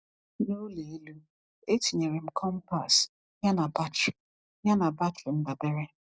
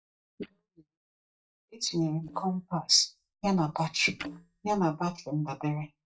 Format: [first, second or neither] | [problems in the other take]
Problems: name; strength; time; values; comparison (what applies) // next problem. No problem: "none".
first | noise reduction (neural mask model DeepFilterNet 3)